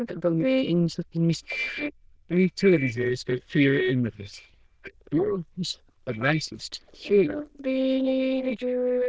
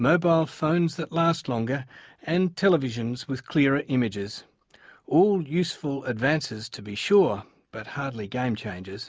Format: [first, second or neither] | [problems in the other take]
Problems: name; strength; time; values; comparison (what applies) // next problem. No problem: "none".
second | noise reduction (neural diffusion model UNIVERSE++)